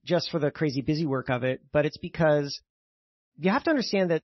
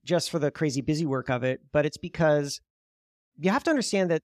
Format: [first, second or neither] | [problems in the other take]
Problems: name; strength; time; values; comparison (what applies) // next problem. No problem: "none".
second | garbled, watery; slightly; nothing above 5.5 kHz